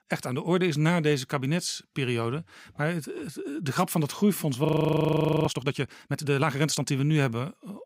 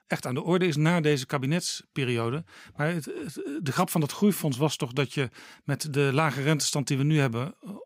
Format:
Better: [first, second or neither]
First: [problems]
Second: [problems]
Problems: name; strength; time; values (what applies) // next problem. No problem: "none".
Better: second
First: audio freezing; at 4.5 s for 1 s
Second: none